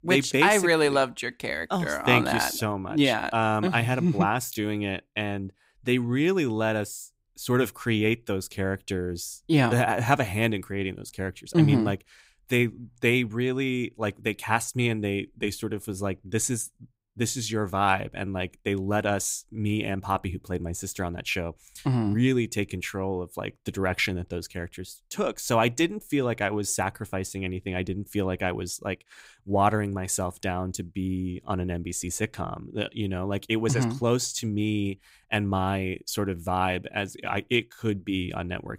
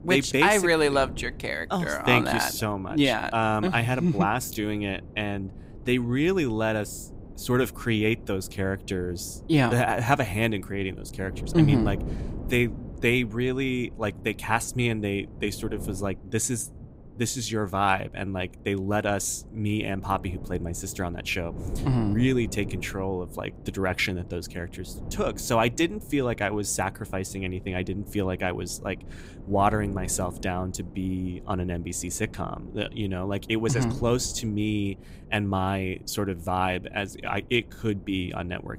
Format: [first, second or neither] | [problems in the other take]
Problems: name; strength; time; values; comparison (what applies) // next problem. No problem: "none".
first | wind noise on the microphone; occasional gusts; 20 dB below the speech